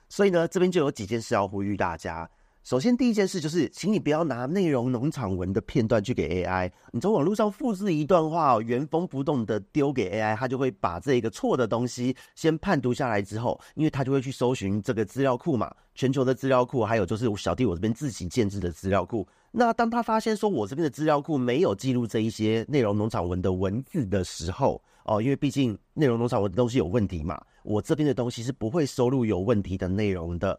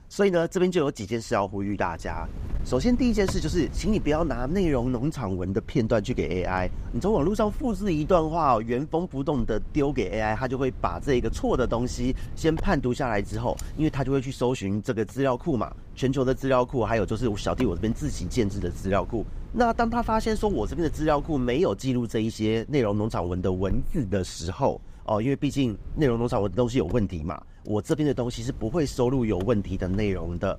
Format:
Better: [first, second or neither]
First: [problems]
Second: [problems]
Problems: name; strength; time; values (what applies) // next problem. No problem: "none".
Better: first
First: none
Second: wind noise on the microphone; occasional gusts; 20 dB below the speech